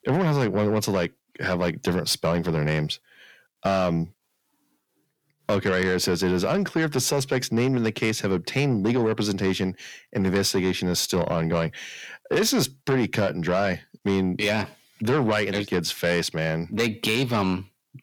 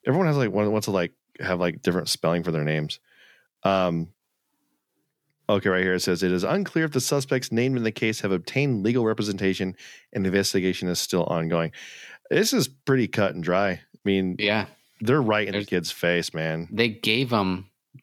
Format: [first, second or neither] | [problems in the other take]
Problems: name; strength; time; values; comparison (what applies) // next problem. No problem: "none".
second | distortion; slight; 10 dB below the speech